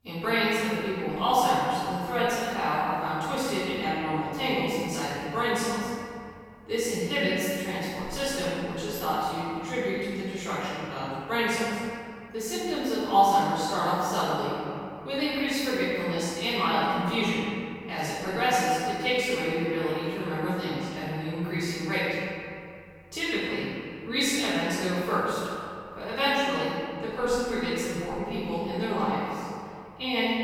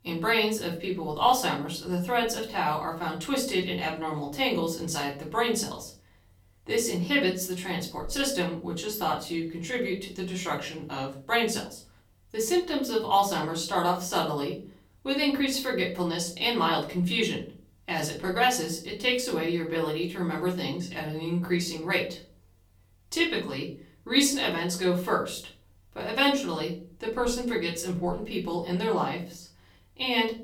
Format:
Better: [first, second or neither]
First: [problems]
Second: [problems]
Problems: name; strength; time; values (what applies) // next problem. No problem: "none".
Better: second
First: room echo; strong; dies away in 2.3 s // off-mic speech; far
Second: room echo; slight; dies away in 0.4 s // off-mic speech; far